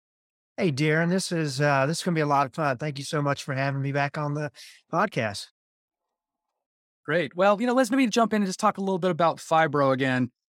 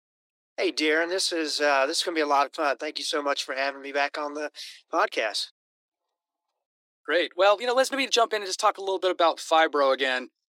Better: first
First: none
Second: thin; very; fading below 300 Hz

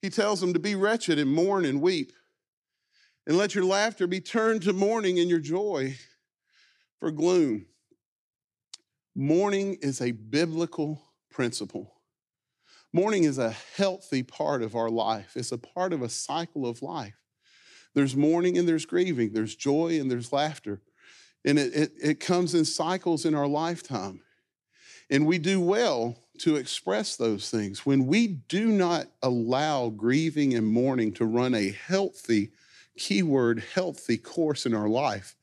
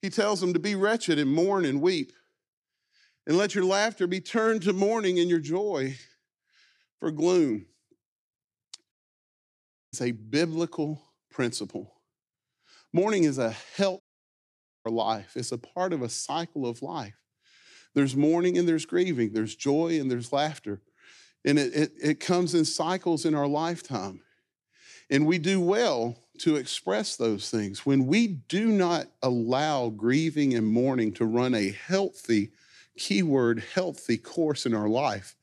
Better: first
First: none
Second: audio cutting out; at 9 s for 1 s and at 14 s for 1 s

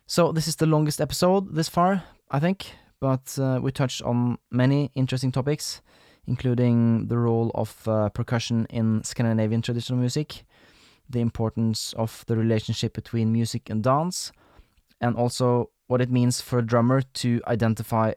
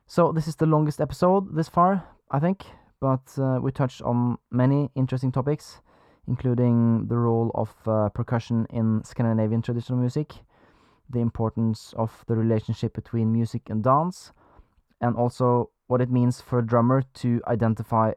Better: first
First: none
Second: muffled; very; fading above 2 kHz

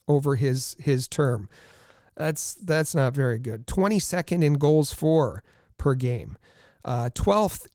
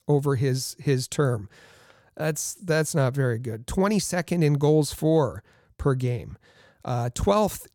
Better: second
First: garbled, watery; slightly; nothing above 17 kHz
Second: none

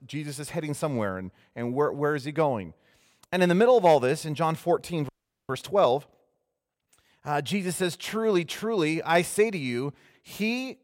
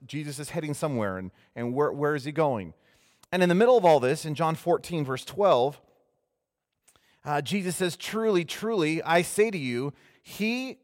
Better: second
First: audio freezing; at 5 s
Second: none

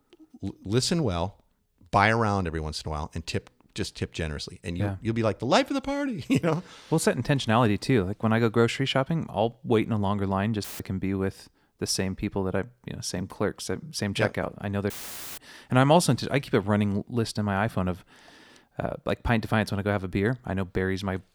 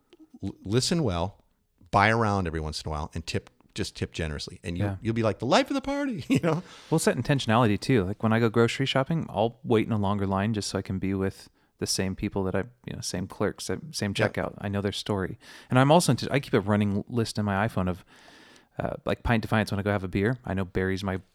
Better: second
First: audio cutting out; filled with static; at 11 s and at 15 s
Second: none

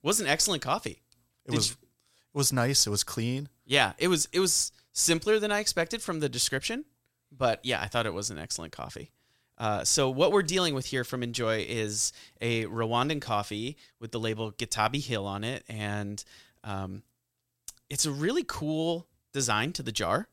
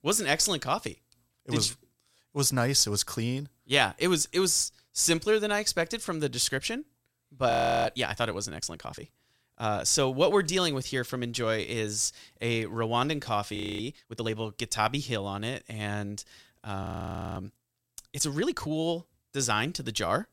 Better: first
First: none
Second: audio freezing; at 7.5 s, at 14 s and at 17 s for 0.5 s

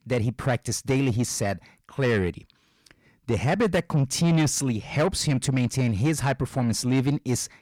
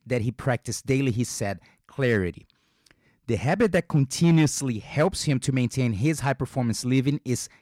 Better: second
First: distortion; slight; 10 dB below the speech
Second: none

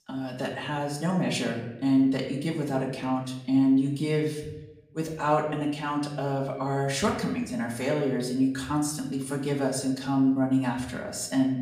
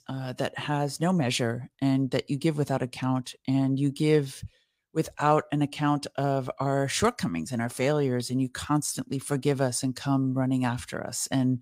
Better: second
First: room echo; slight; dies away in 0.7 s // off-mic speech; far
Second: none

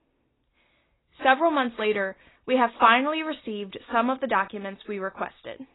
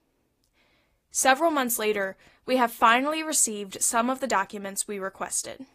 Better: second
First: garbled, watery; badly; nothing above 4 kHz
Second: garbled, watery; slightly; nothing above 15 kHz

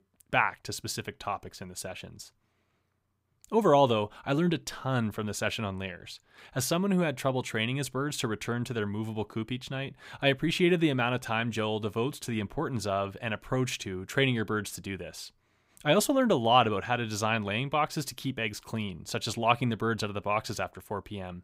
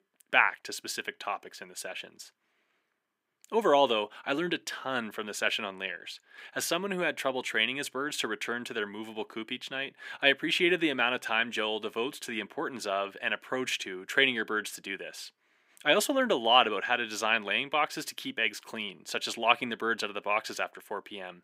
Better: first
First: none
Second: thin; somewhat; fading below 250 Hz

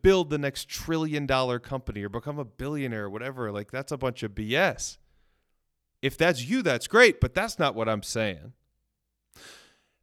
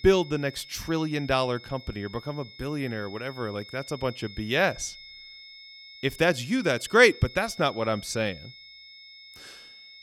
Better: first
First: none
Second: high-pitched whine; noticeable; throughout; 2 kHz, 20 dB below the speech

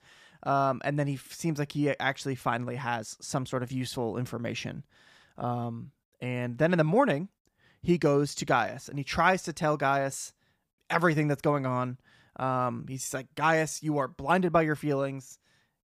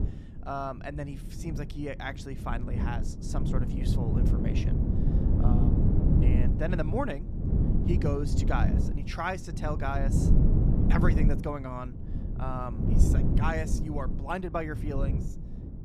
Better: first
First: none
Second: wind noise on the microphone; heavy; 3 dB below the speech

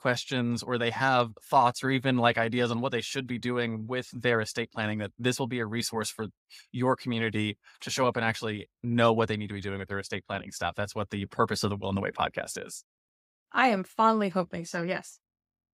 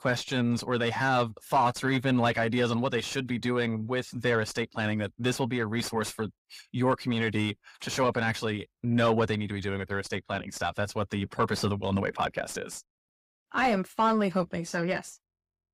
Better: first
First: none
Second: distortion; slight; 10 dB below the speech

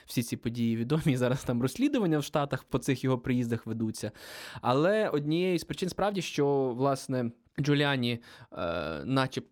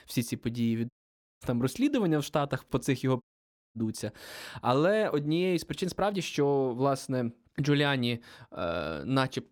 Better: first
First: none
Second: audio cutting out; at 1 s for 0.5 s and at 3 s for 0.5 s

